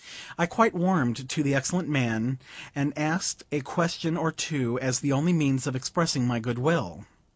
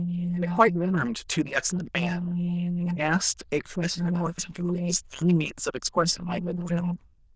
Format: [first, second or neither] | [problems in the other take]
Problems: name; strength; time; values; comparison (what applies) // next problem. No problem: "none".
first | noise reduction (neural diffusion model UNIVERSE++)